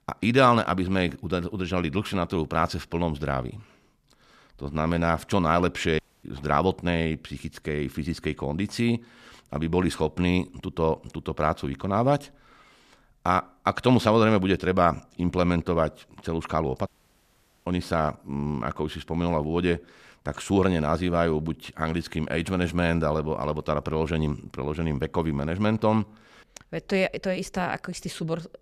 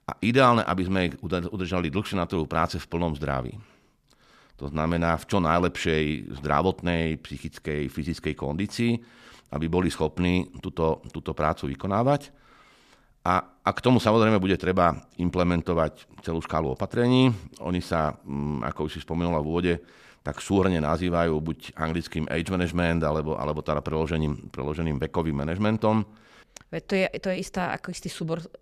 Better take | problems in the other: second | audio cutting out; at 6 s and at 17 s for 1 s

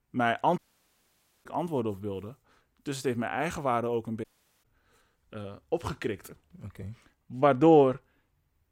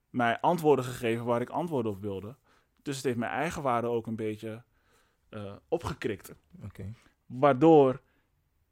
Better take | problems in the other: second | audio cutting out; at 0.5 s for 1 s and at 4 s

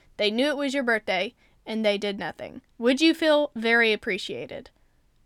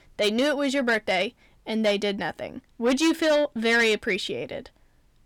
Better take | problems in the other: first | distortion; slight; 10 dB below the speech

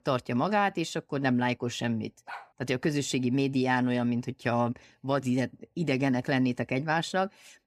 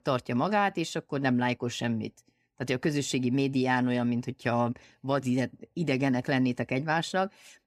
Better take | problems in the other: second | dog barking; faint; at 2.5 s; peak 15 dB below the speech

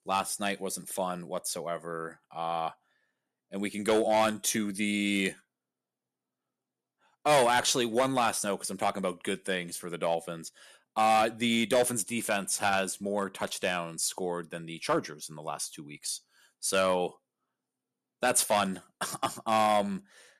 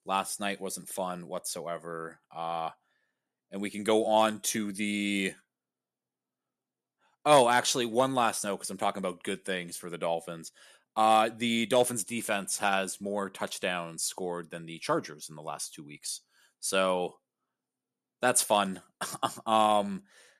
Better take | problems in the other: second | distortion; slight; 2% of the sound clipped

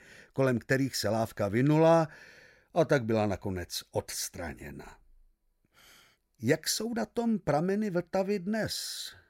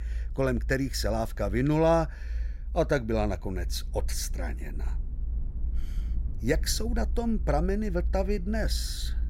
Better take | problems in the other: first | low rumble; faint; throughout; 25 dB below the speech

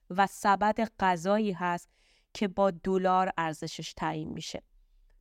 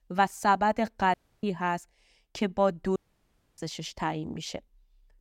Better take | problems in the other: first | audio cutting out; at 1 s and at 3 s for 0.5 s

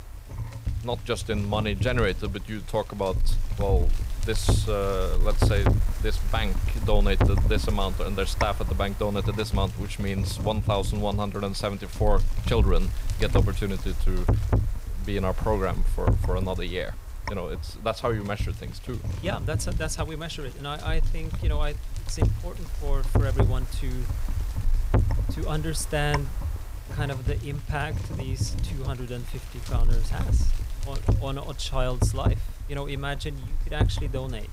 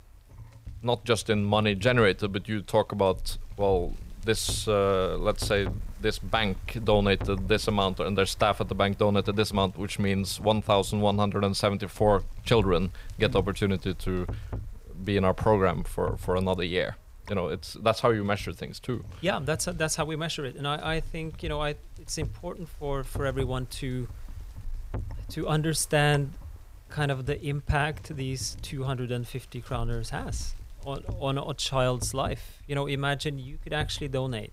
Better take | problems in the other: second | wind noise on the microphone; heavy; 8 dB below the speech; occasional gusts in the second

